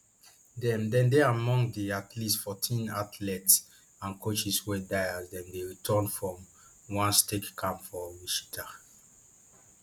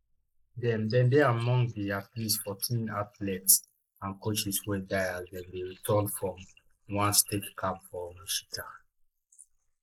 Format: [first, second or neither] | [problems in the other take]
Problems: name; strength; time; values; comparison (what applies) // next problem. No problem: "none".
first | noise reduction (neural mask model Resemble Enhance denoiser)